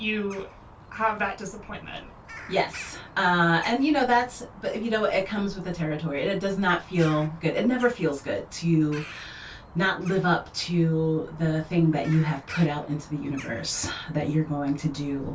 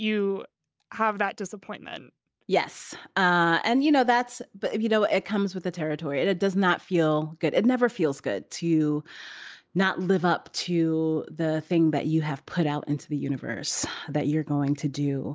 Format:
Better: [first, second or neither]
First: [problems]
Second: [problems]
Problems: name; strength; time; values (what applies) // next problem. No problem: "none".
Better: second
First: background sound (Bird vocalization, bird call, bird song); 18 dB below the speech // room echo; dies away in 0.2 s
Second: none